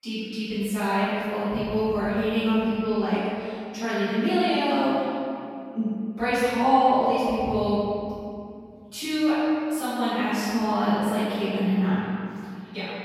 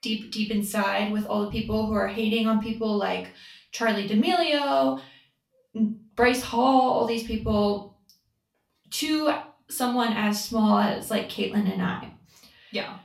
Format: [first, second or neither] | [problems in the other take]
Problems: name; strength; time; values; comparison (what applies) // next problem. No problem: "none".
second | room echo; strong; dies away in 2.4 s; slight in the second // off-mic speech; far; far in the second